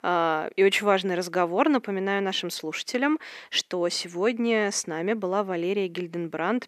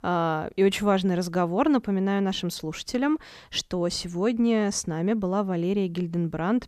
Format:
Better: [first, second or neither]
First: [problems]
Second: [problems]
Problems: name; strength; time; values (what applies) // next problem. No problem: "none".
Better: second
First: thin; somewhat; fading below 350 Hz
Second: none